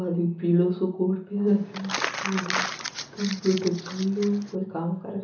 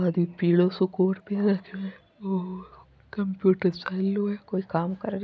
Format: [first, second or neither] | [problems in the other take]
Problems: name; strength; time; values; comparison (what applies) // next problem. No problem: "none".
second | background sound (Crumpling, crinkling); 7 dB below the speech // room echo; dies away in 0.8 s